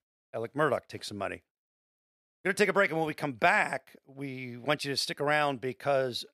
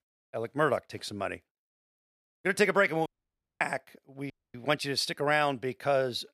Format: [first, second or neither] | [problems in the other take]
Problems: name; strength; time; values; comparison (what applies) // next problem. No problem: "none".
first | audio cutting out; at 3 s for 0.5 s and at 4.5 s